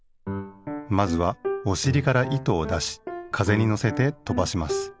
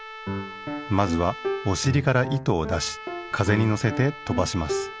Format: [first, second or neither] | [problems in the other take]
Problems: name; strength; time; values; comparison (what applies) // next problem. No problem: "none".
first | background sound (Trumpet); 15 dB below the speech